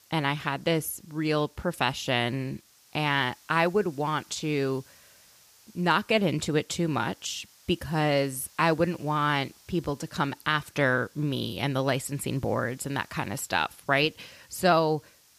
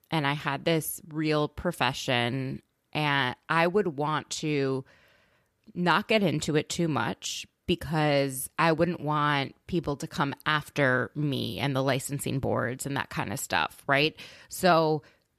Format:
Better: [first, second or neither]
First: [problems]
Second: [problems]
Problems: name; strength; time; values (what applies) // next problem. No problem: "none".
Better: second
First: hiss; faint; throughout; 25 dB below the speech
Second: none